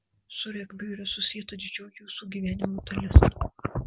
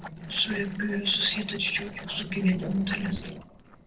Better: first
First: none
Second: noise reduction (neural separator model SepFormer DNS4)

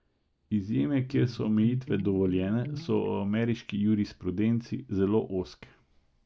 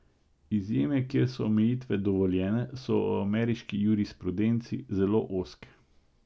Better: second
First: noise reduction (neural mask model DeepFilterNet 3)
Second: none

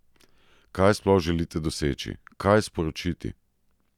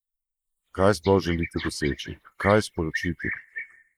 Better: first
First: none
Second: noise reduction (neural mask model Resemble Enhance denoiser)

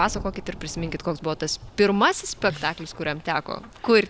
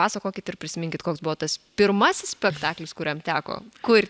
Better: second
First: background sound (Rain / Thunderstorm); 16 dB below the speech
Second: none

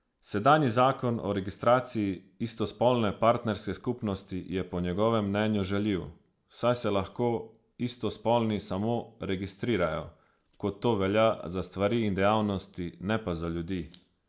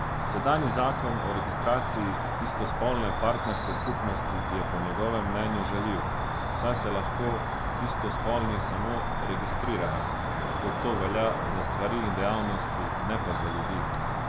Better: first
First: none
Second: background sound (Cricket); 2 dB above the speech

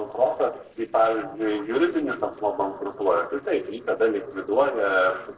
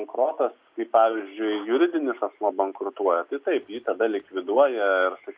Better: second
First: noise reduction (neural separator model SepFormer DNS4)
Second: none

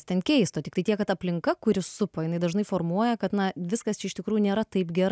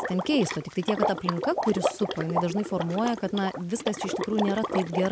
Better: first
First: none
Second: background sound (Water / Liquid); 4 dB below the speech

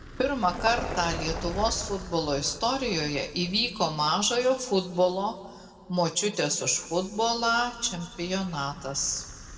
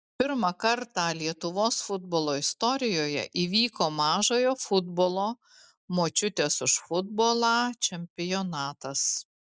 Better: second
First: background sound (Vehicle); 13 dB below the speech // room echo; dies away in 1.6 s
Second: none

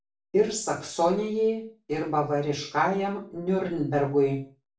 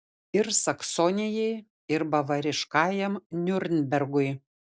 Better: second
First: room echo; dies away in 0.4 s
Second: none

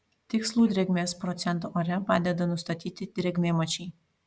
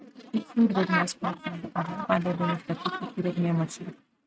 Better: first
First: none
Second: noise reduction (neural mask model RNNoise)

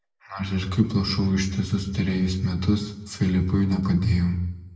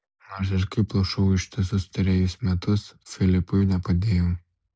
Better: second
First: room echo; dies away in 0.6 s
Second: none

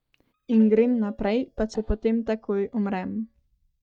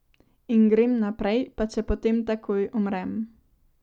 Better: second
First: noise reduction (neural mask model DeepFilterNet 3)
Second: none

